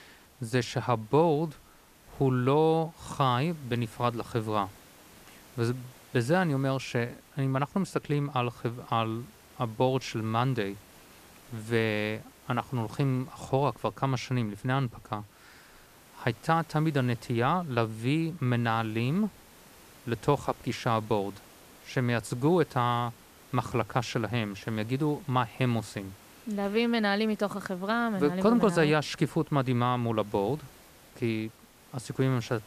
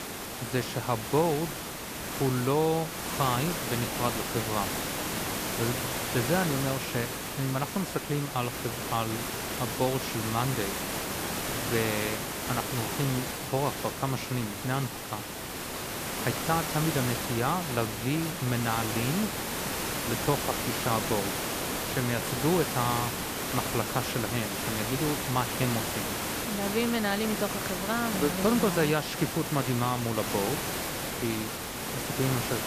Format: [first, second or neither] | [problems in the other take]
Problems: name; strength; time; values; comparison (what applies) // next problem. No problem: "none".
first | hiss; loud; throughout; 1 dB below the speech; faint in the first